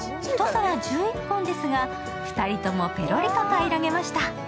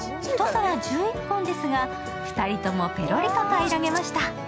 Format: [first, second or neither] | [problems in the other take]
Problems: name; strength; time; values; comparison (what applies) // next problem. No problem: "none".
first | background sound (Rattle (instrument)); 15 dB below the speech